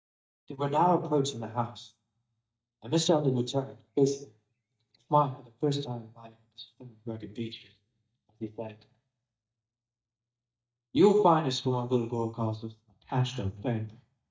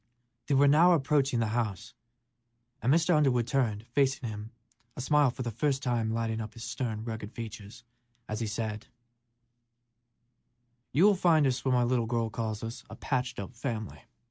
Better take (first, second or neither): second